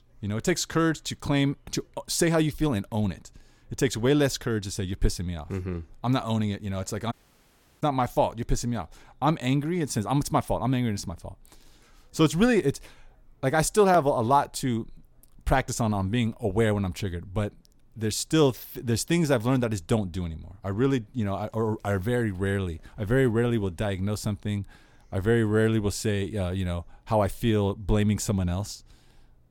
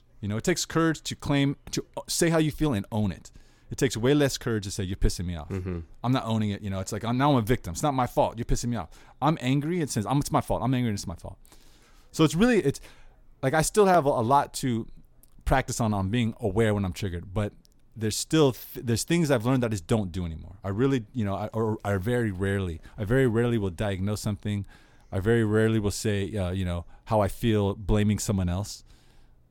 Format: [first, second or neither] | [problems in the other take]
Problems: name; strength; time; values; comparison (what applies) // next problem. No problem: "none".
second | audio cutting out; at 7 s for 0.5 s